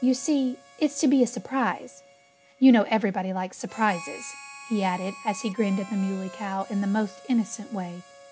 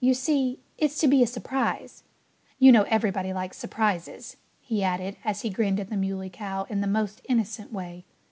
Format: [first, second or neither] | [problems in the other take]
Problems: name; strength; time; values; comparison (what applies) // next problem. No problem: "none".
second | background sound (Harmonica); 20 dB below the speech